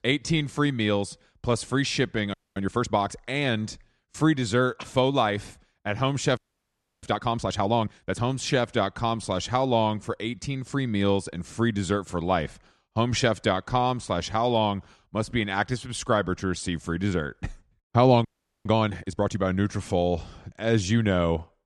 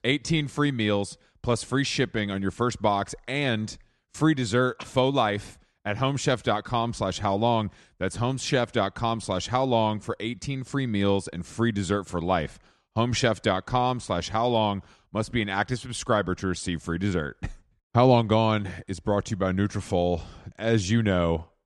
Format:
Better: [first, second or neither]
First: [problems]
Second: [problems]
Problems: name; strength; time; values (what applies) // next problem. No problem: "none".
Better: second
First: audio freezing; at 2.5 s, at 6.5 s for 0.5 s and at 18 s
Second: none